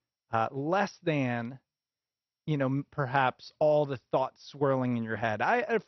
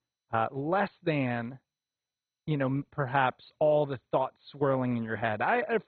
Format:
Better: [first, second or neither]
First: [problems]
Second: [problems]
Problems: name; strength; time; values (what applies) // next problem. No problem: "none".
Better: first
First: garbled, watery; slightly; nothing above 6 kHz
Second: garbled, watery; badly; nothing above 4 kHz